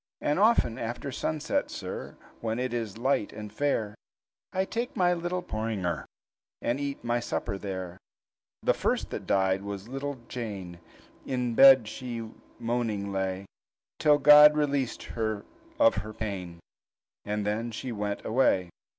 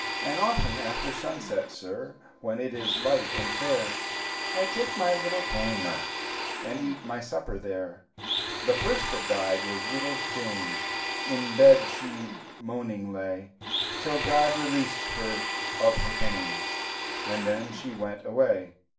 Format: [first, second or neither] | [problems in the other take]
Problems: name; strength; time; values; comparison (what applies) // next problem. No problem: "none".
first | background sound (Domestic sounds, home sounds); 4 dB below the speech // room echo; dies away in 0.3 s